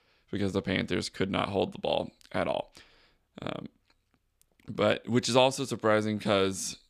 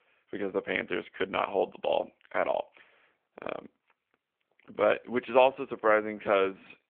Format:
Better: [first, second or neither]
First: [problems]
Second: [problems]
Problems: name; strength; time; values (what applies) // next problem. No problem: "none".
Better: first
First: none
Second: phone-call audio; nothing above 3.5 kHz